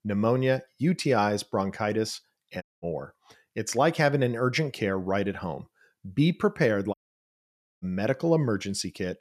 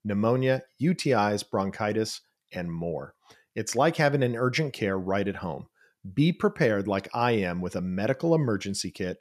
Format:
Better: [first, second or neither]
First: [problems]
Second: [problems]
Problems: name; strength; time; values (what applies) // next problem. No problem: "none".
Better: second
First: audio cutting out; at 2.5 s and at 7 s for 1 s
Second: none